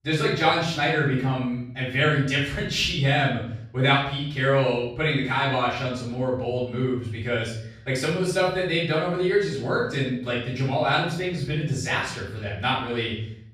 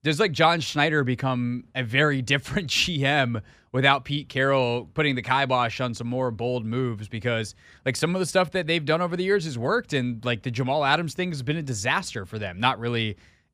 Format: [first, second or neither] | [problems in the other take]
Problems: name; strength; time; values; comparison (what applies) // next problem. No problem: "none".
second | off-mic speech; far // room echo; noticeable; dies away in 0.6 s